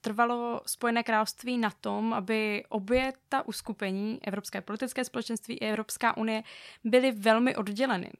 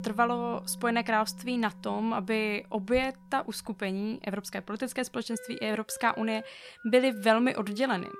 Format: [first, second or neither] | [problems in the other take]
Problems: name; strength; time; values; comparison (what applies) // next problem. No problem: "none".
first | background music; noticeable; throughout; 20 dB below the speech